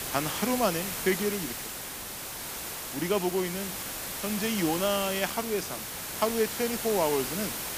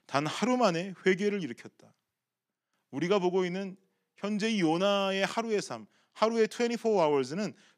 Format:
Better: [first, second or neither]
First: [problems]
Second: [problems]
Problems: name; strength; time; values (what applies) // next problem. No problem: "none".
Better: second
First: hiss; loud; throughout; 4 dB below the speech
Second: none